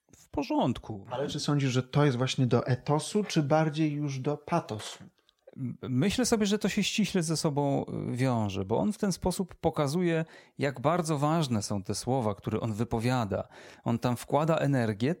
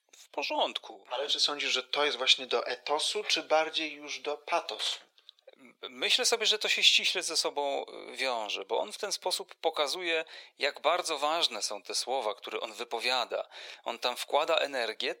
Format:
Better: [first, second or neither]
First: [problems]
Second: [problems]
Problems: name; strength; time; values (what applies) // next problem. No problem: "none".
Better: first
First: none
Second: thin; very; fading below 450 Hz